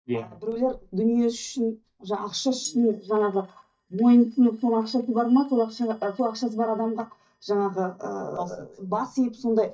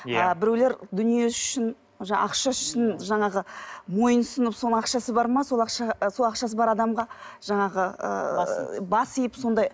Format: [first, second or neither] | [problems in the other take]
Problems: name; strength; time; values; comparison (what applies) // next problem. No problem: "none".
second | noise reduction (neural mask model DeepFilterNet 3)